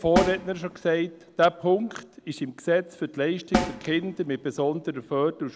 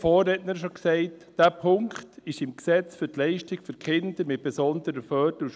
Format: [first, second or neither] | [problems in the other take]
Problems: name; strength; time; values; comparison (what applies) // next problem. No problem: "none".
second | background sound (Snare drum); 6 dB below the speech